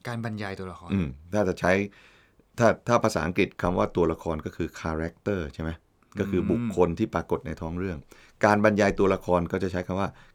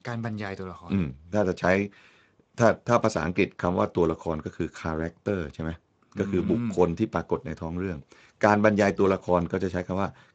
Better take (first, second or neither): first